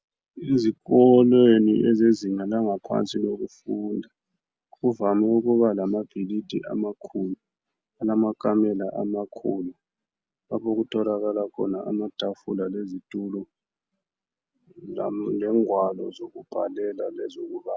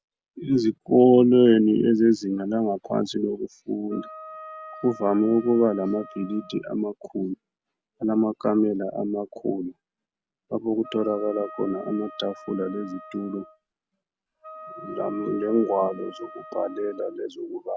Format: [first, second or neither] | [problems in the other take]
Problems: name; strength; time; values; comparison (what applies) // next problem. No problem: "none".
first | background sound (Wind instrument, woodwind instrument); 18 dB below the speech